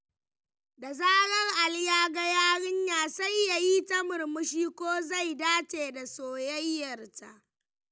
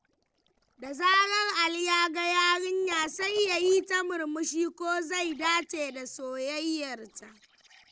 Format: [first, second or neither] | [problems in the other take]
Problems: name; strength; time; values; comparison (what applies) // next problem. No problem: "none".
first | noise reduction (neural separator model SepFormer DNS4)